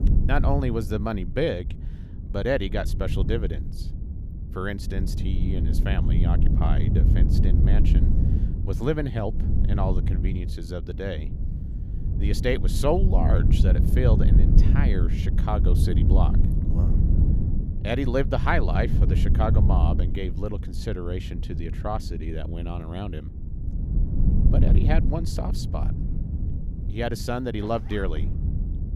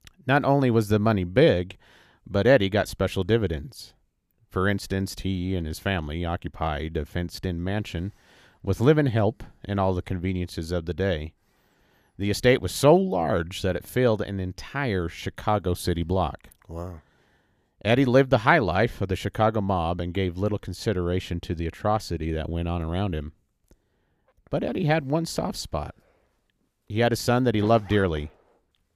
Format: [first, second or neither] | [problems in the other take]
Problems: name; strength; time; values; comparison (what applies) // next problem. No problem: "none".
second | wind noise on the microphone; heavy; 7 dB below the speech